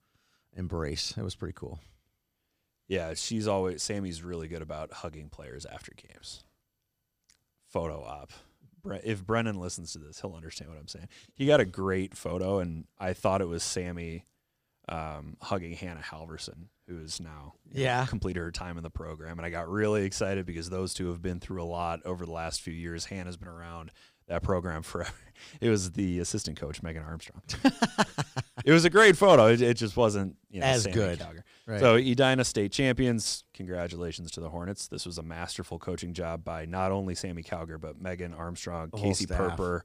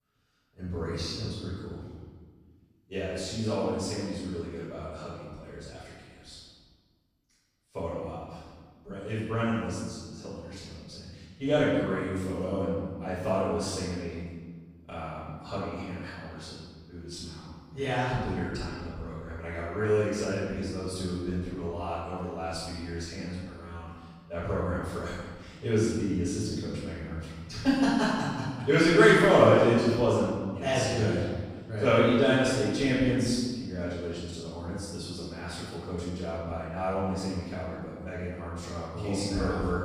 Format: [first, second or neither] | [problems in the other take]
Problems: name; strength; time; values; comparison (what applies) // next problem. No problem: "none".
first | room echo; strong; dies away in 1.4 s // off-mic speech; far